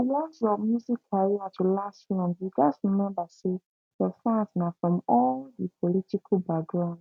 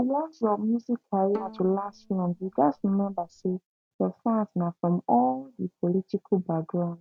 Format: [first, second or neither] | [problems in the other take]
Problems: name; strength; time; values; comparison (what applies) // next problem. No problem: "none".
first | background sound (Bowed string instrument); 17 dB below the speech